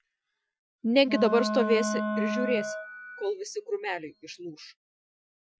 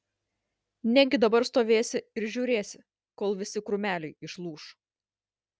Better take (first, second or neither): second